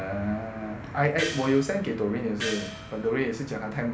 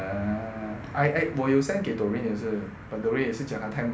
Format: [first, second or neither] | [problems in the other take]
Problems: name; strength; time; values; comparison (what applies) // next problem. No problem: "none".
second | background sound (Gong); 10 dB below the speech